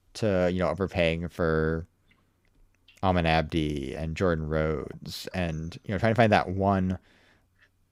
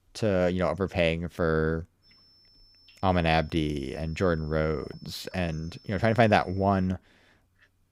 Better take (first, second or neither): first